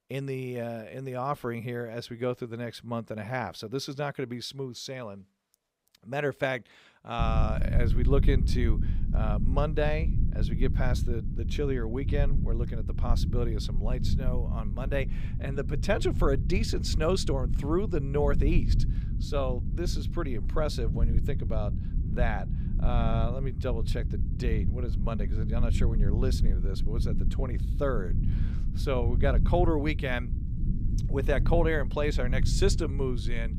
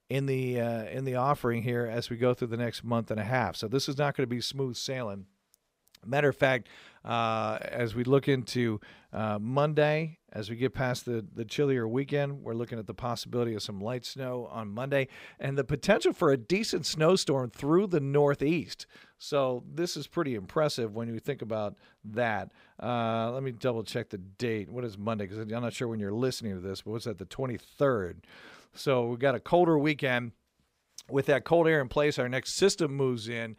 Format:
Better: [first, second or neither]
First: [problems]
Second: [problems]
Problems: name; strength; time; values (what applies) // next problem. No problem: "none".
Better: second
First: low rumble; noticeable; from 7 s on; 10 dB below the speech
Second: none